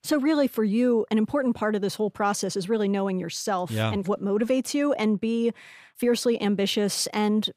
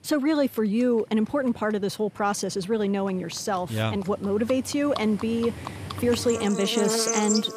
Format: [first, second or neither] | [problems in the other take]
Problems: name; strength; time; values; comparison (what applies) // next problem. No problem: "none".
first | animal sounds; loud; throughout; 6 dB below the speech